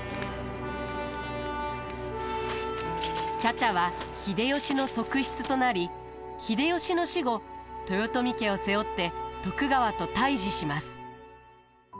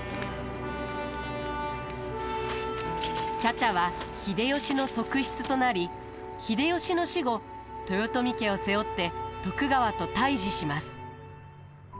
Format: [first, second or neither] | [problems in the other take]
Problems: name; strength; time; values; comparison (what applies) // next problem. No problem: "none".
first | background sound (Aircraft); 17 dB below the speech